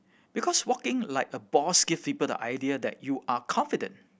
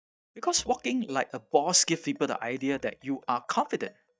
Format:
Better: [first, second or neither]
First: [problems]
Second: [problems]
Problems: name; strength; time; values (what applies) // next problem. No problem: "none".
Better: first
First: none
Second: noise reduction (neural mask model DeepFilterNet 3)